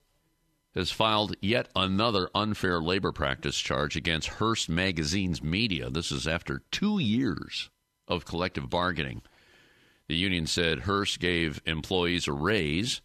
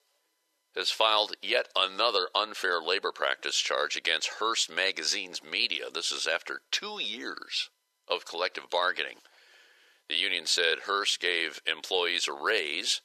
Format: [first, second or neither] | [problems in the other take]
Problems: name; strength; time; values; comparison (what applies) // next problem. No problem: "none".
first | thin; very; fading below 450 Hz